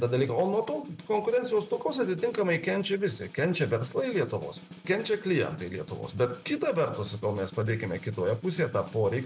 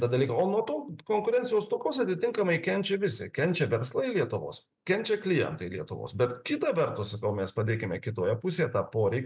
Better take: second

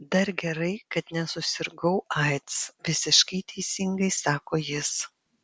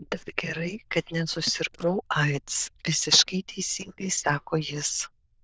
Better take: first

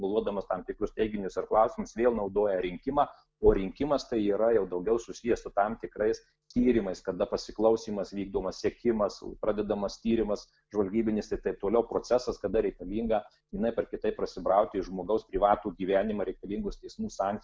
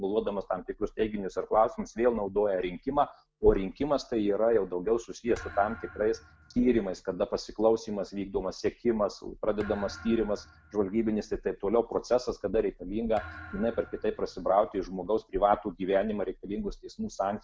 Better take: first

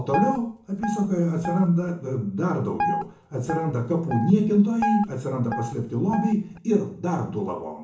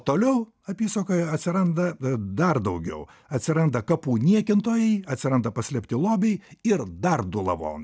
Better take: second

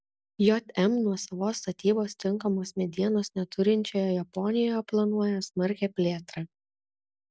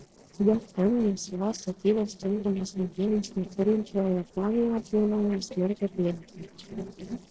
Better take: first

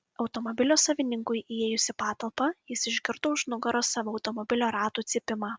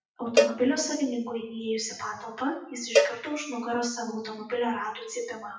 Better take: first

